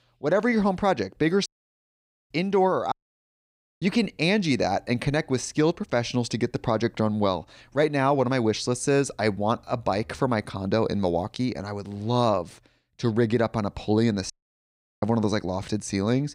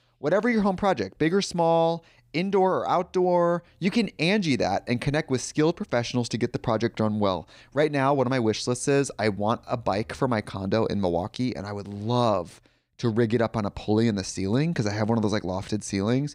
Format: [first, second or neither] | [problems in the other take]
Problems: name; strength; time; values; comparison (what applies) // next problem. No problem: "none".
second | audio cutting out; at 1.5 s for 1 s, at 3 s for 1 s and at 14 s for 0.5 s